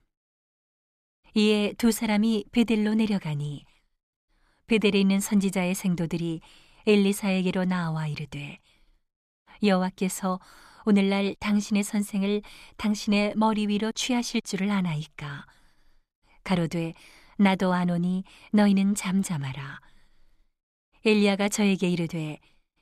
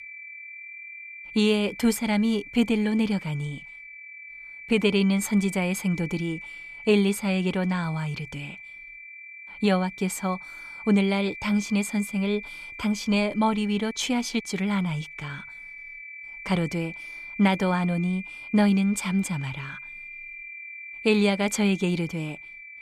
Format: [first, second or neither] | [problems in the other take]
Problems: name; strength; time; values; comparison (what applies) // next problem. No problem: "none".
first | high-pitched whine; noticeable; throughout; 2.5 kHz, 15 dB below the speech